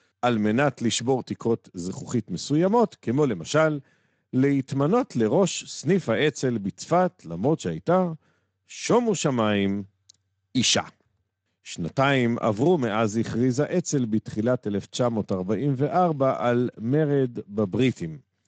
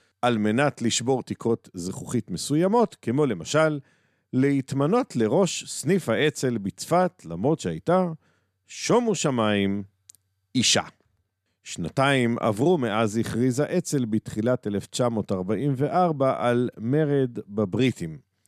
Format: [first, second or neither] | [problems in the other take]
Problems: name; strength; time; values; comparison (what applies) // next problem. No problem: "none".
second | garbled, watery; slightly; nothing above 7.5 kHz